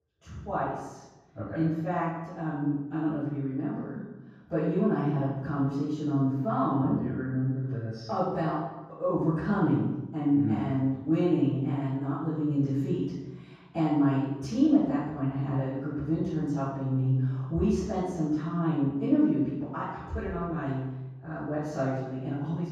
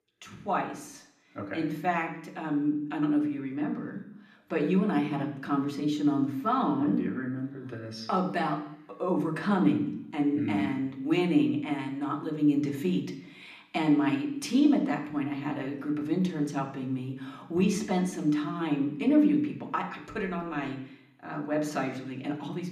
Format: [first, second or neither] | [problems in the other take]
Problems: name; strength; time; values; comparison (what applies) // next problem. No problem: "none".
second | room echo; strong; dies away in 1.3 s; slight in the second // off-mic speech; far; somewhat distant in the second